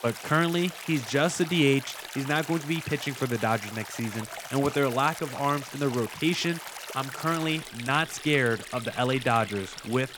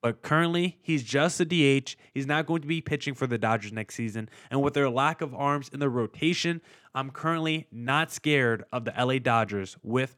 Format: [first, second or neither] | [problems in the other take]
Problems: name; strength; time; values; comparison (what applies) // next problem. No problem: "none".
second | rain or running water; noticeable; throughout; 10 dB below the speech